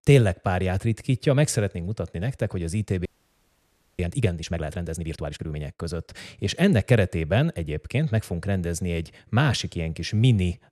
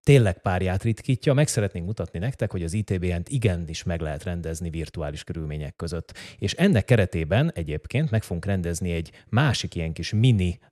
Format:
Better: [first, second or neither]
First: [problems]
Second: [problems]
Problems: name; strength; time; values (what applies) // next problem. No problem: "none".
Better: second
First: audio freezing; at 3 s for 1 s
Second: none